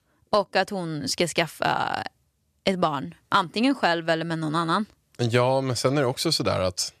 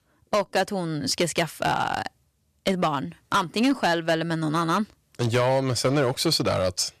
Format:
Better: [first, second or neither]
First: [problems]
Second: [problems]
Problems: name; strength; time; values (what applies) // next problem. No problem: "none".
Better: first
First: none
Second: distortion; slight; 5% of the sound clipped